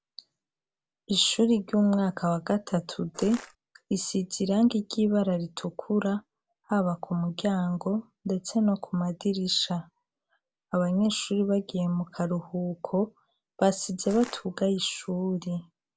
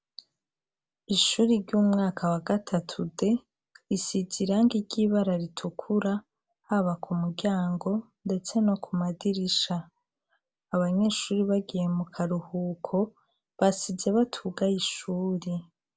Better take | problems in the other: second | background sound (Crushing); 15 dB below the speech

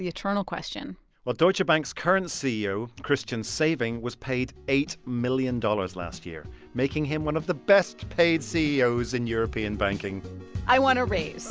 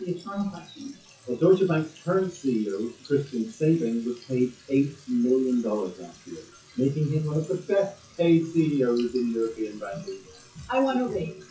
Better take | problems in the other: first | noise reduction (classical method WPE with log-MMSE)

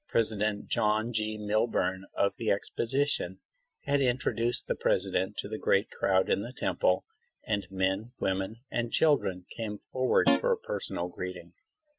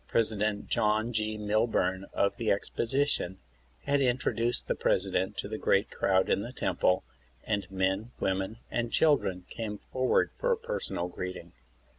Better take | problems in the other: second | noise reduction (classical method Wiener filter)

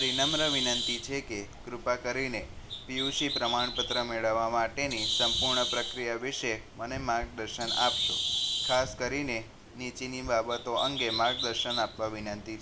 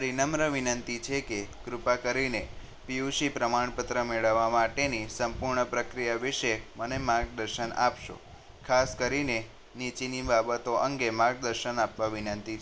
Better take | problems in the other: second | background sound (Bird); 2 dB below the speech

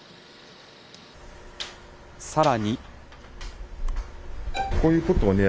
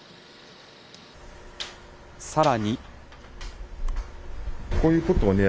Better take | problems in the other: second | background sound (Bowed string instrument); 6 dB below the speech

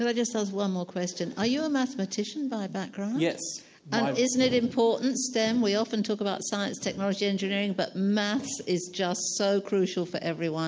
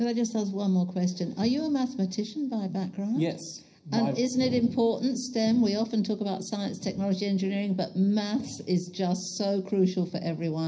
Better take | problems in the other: first | room echo; dies away in 0.4 s

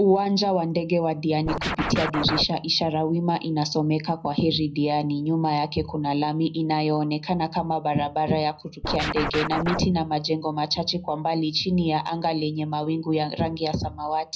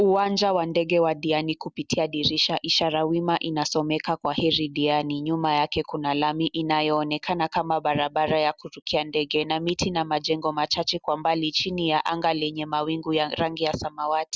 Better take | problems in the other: second | background sound (Scratching (performance technique)); 4 dB below the speech // room echo; dies away in 0.4 s

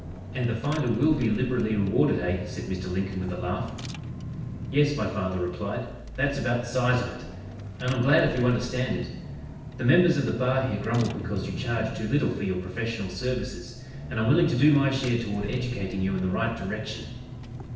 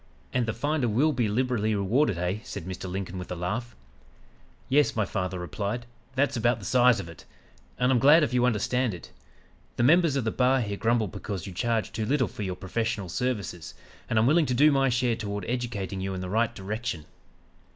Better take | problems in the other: second | background sound (Engine / Car); 10 dB below the speech // room echo; dies away in 0.9 s

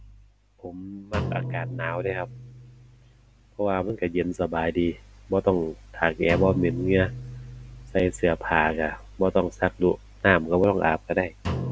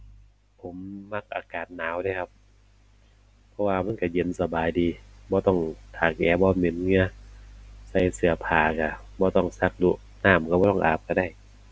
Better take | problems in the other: second | background sound (Drum); 11 dB below the speech

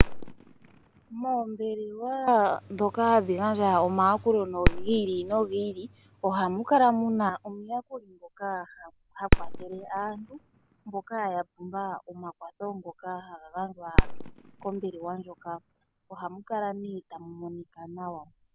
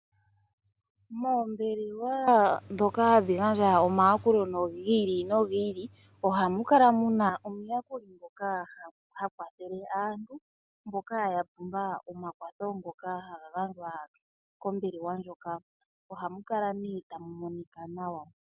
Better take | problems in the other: second | background sound (Fireworks); 3 dB below the speech

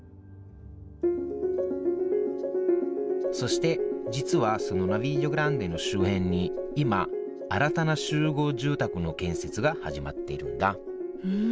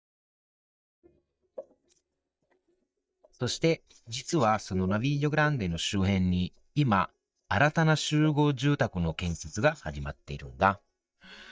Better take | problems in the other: first | noise reduction (neural mask model DeepFilterNet 3)

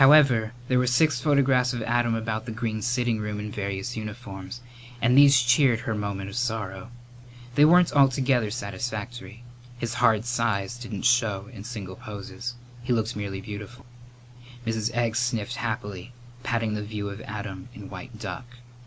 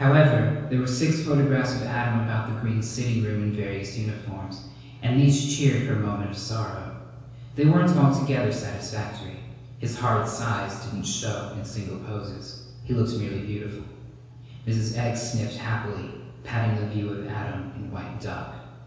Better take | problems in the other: first | room echo; dies away in 1.2 s

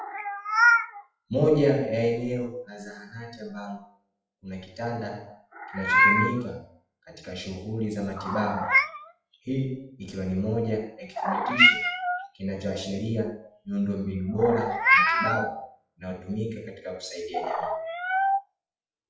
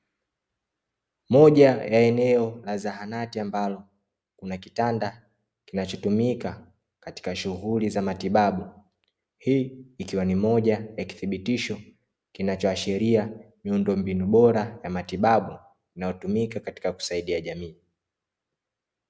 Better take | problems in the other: second | noise reduction (classical method WPE with log-MMSE)

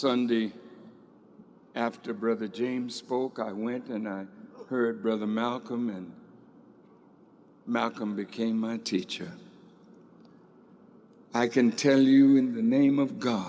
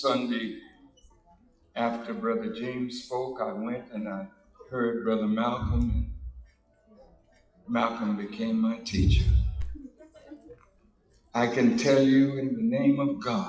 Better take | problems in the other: first | noise reduction (classical method WPE with log-MMSE)

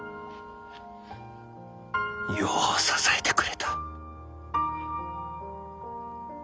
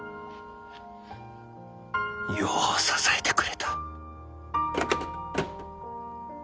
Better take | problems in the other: first | background sound (Car); 2 dB below the speech

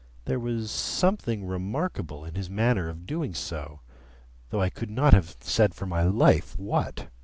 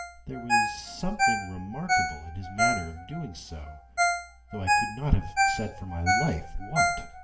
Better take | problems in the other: first | background sound (Ringtone); 4 dB above the speech // room echo; dies away in 0.7 s

